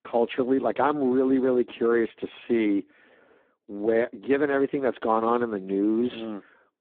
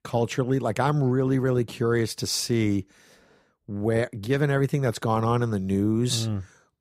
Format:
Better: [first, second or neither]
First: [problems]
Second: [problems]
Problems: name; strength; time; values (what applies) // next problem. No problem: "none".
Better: second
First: phone-call audio; poor line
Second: none